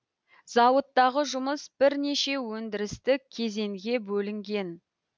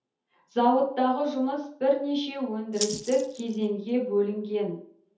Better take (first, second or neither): first